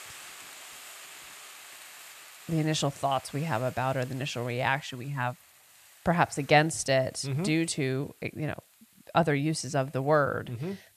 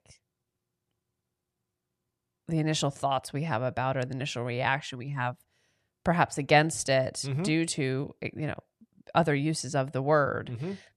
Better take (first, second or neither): second